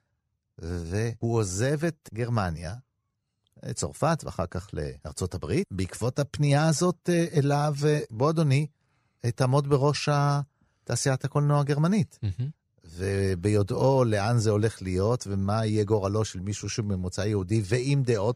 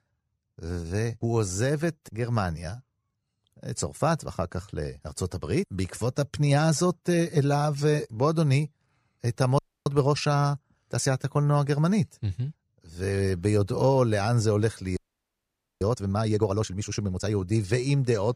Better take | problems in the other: first | audio freezing; at 9.5 s and at 15 s for 1 s

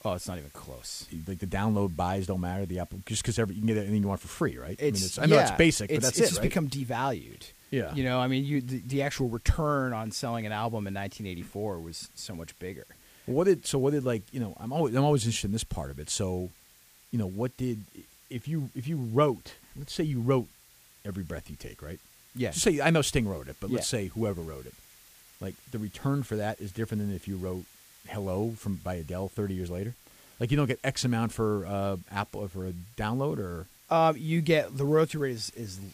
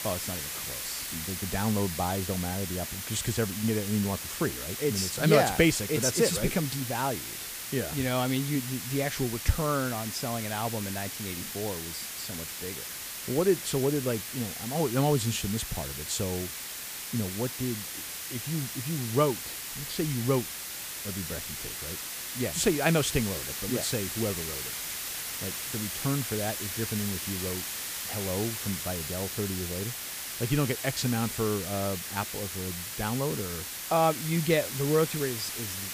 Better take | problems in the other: first | hiss; loud; throughout; 4 dB below the speech; faint in the first

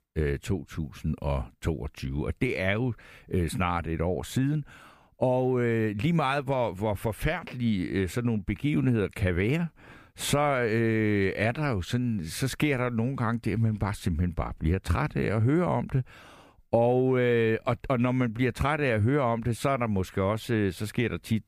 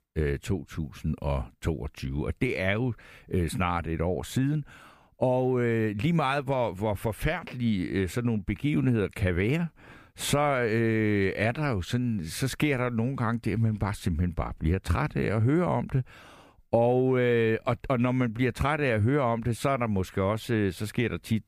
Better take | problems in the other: neither | none

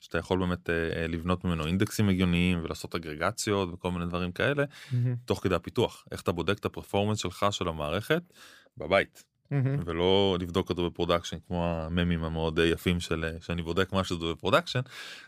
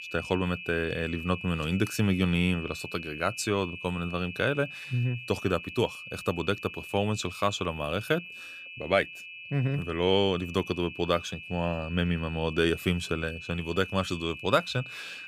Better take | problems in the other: first | high-pitched whine; noticeable; throughout; 2.5 kHz, 10 dB below the speech

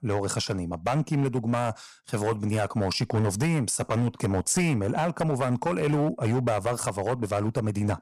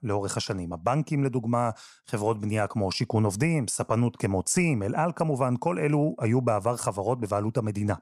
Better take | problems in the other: second | distortion; slight; 10% of the sound clipped

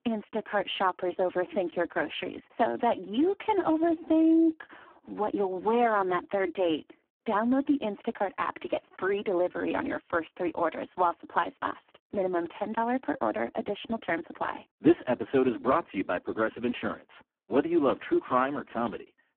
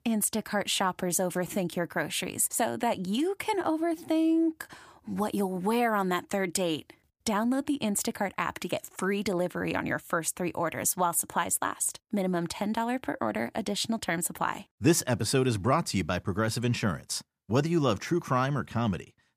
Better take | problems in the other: second | phone-call audio; poor line

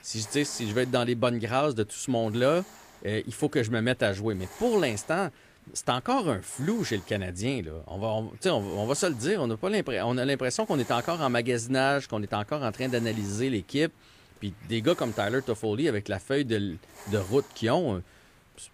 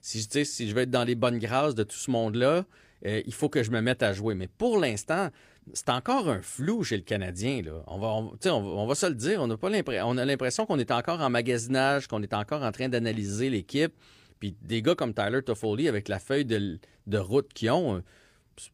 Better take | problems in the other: second | hiss; faint; throughout; 20 dB below the speech

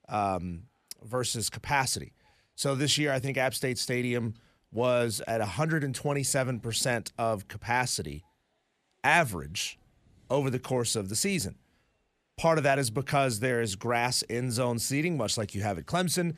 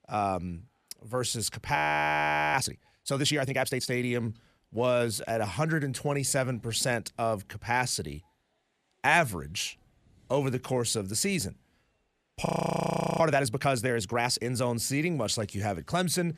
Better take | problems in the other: first | audio freezing; at 2 s for 1 s and at 12 s for 0.5 s

